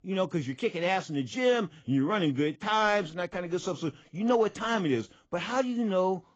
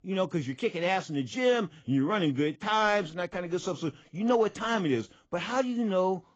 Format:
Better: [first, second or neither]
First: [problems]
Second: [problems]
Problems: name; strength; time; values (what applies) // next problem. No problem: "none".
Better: neither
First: garbled, watery; badly; nothing above 7.5 kHz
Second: garbled, watery; badly; nothing above 7.5 kHz